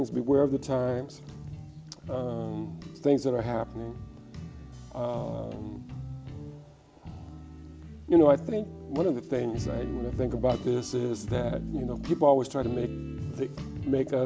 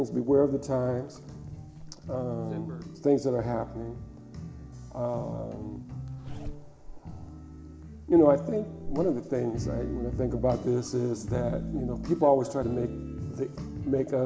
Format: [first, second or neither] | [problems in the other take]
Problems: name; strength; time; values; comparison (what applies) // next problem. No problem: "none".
first | background sound (Zipper (clothing)); 18 dB below the speech // room echo; dies away in 1.3 s